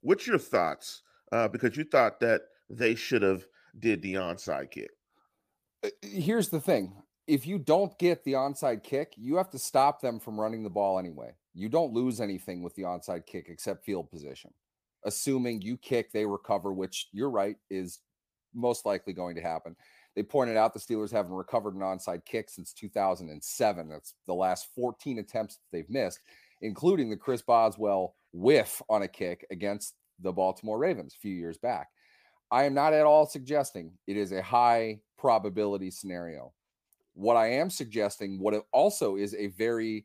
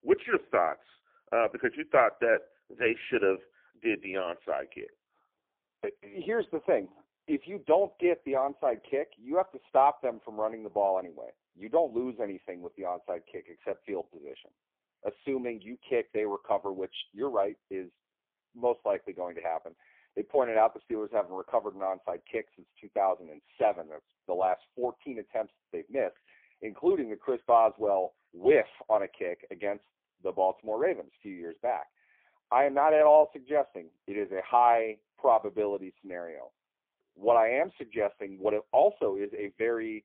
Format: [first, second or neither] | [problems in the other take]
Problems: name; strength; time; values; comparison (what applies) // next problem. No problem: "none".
first | phone-call audio; poor line; nothing above 3 kHz